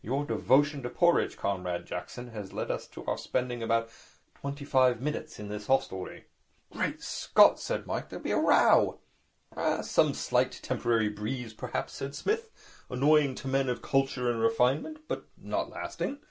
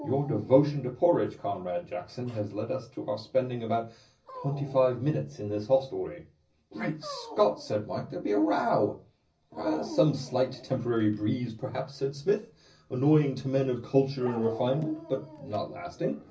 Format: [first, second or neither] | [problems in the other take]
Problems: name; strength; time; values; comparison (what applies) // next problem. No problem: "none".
first | background sound (Dog); 19 dB below the speech // room echo; dies away in 0.4 s